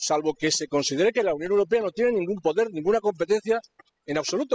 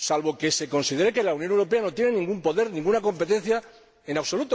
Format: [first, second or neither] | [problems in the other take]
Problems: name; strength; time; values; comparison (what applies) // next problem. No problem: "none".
second | noise reduction (classical method spectral subtraction)